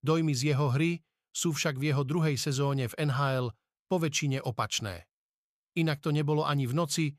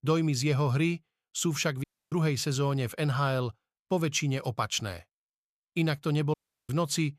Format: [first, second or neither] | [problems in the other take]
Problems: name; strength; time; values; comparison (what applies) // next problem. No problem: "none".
first | audio cutting out; at 2 s and at 6.5 s